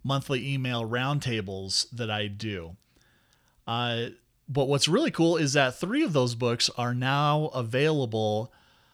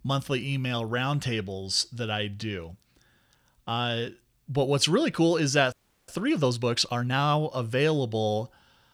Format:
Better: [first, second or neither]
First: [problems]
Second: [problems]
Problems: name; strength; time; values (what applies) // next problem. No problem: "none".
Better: first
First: none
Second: audio freezing; at 5.5 s